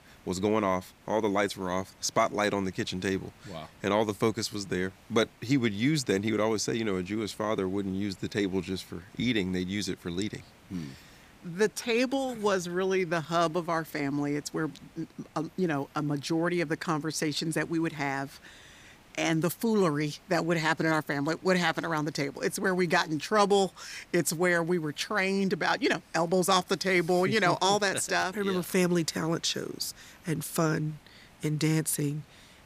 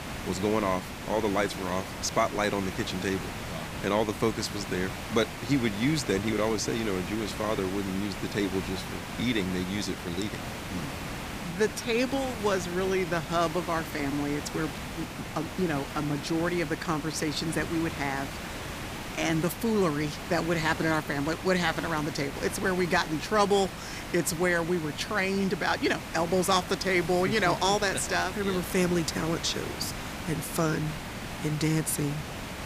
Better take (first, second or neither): first